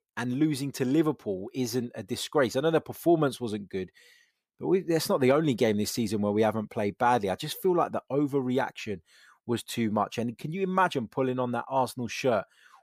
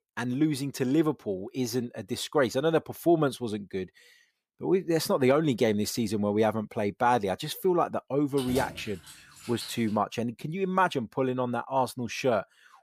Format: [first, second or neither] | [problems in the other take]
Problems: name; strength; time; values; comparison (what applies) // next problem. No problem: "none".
first | jangling keys; noticeable; from 8.5 to 10 s; peak 9 dB below the speech